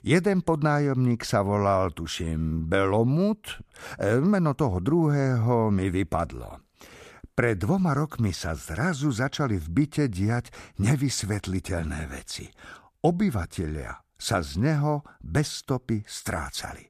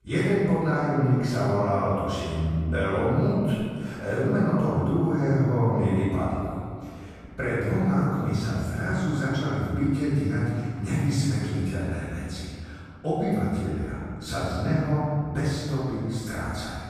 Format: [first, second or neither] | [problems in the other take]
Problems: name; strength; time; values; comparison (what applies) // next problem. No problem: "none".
first | off-mic speech; far // room echo; strong; dies away in 2 s